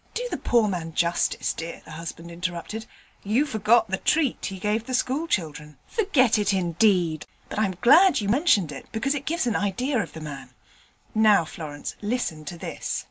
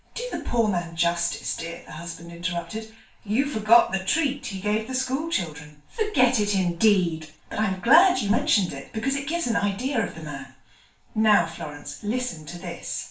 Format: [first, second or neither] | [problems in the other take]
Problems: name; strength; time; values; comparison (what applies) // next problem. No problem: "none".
first | room echo; dies away in 0.3 s